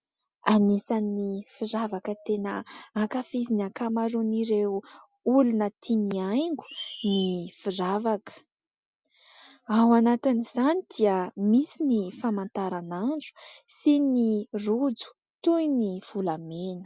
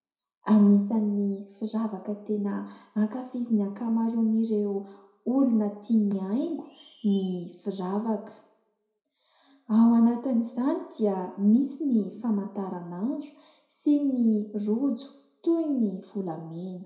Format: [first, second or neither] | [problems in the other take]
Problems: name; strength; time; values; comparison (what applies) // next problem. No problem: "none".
first | room echo; dies away in 0.6 s